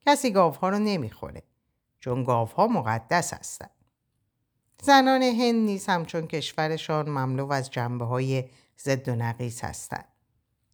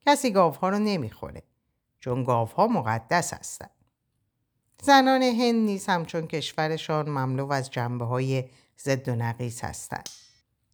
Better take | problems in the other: first | clattering dishes; faint; at 10 s; peak 15 dB below the speech

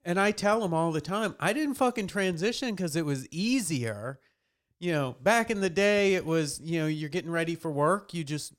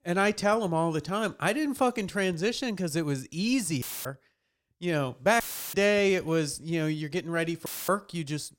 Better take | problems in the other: first | audio cutting out; filled with static; at 4 s, at 5.5 s and at 7.5 s

